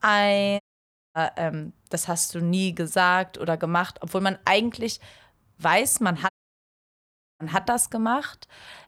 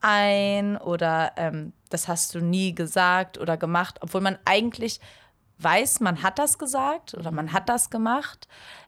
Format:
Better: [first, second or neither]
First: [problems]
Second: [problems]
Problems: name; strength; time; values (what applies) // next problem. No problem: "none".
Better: second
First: audio cutting out; at 0.5 s for 0.5 s and at 6.5 s for 1 s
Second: none